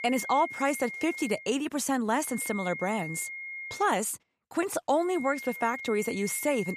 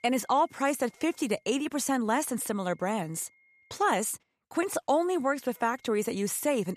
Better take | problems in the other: second | high-pitched whine; loud; until 1.5 s, from 2.5 to 4 s and from 5 s on; 2 kHz, 9 dB below the speech; faint in the second

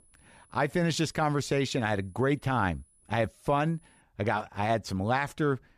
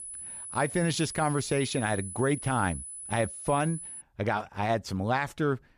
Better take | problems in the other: first | high-pitched whine; loud; until 4 s; 10 kHz, 9 dB below the speech; faint in the first

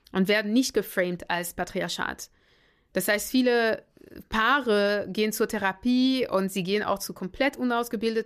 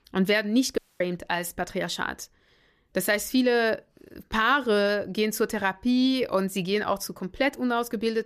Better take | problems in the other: first | audio cutting out; at 1 s

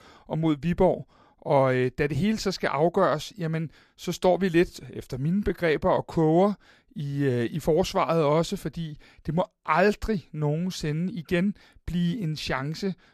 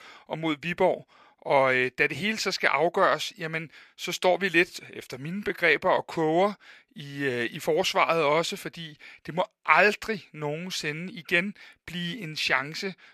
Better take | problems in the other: first | thin; somewhat; fading below 600 Hz

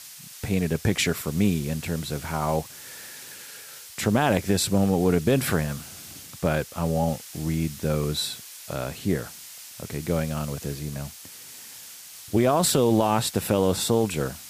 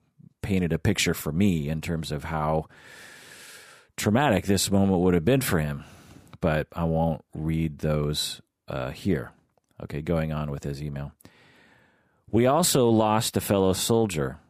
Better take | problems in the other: second | hiss; noticeable; throughout; 15 dB below the speech

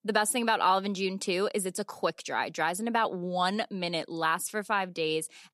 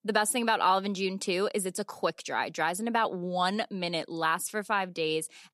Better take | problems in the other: neither | none

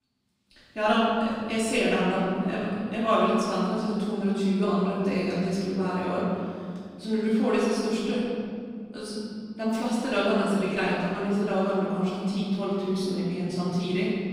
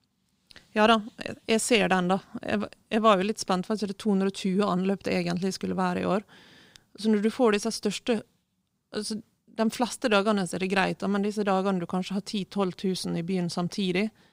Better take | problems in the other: second | room echo; strong; dies away in 2.3 s // off-mic speech; far

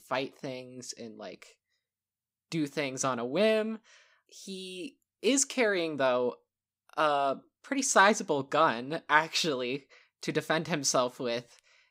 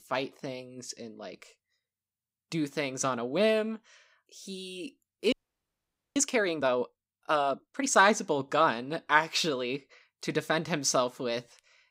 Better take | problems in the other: first | audio freezing; at 5.5 s for 1 s

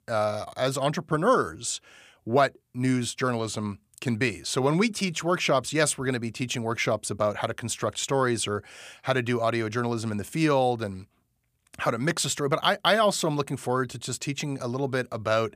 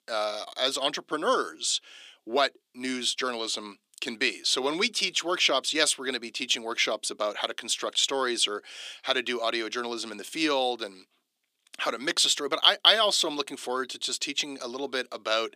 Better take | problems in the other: first | thin; somewhat; fading below 300 Hz

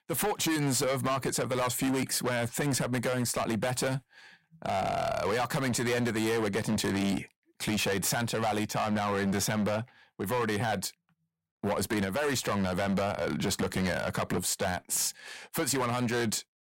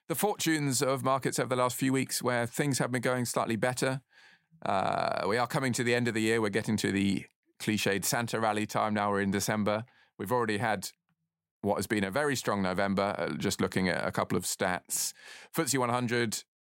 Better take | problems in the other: second | distortion; heavy; 18% of the sound clipped

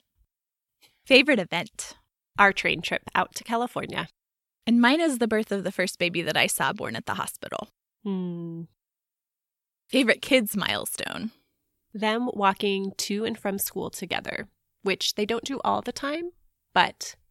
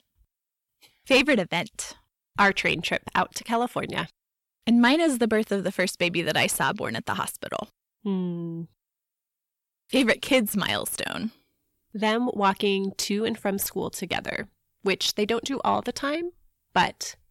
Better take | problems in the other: first | distortion; slight; 10 dB below the speech

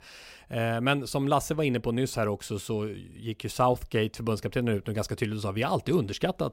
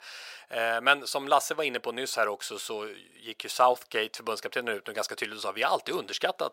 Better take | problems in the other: first | thin; very; fading below 700 Hz

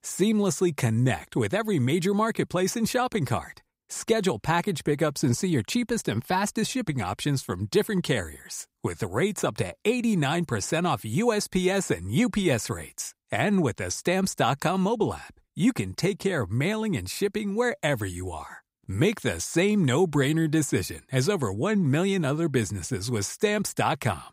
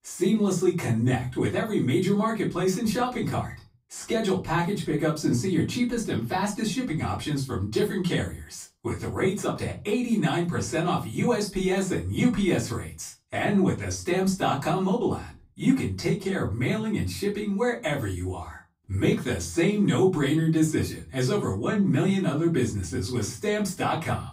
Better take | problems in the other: first | off-mic speech; far // room echo; slight; dies away in 0.3 s

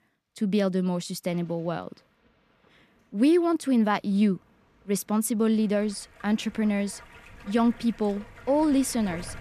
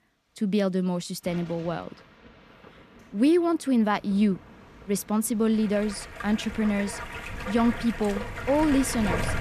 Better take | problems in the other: first | rain or running water; loud; throughout; 10 dB below the speech; faint in the first

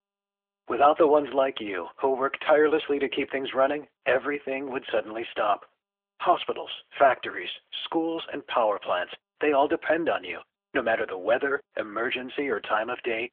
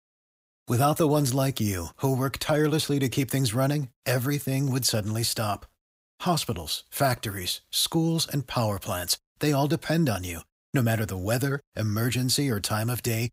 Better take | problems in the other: second | phone-call audio; nothing above 3.5 kHz

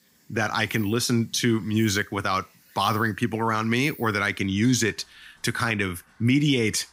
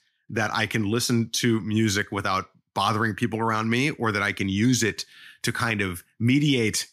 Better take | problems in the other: second | animal sounds; faint; throughout; 25 dB below the speech

